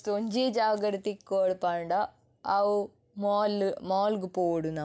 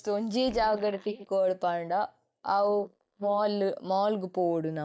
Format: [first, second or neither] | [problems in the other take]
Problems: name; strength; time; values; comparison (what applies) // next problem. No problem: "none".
first | noise reduction (neural mask model DeepFilterNet 3)